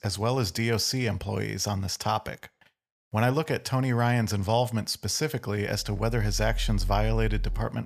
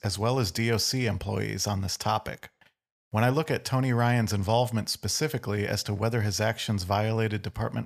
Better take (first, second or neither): second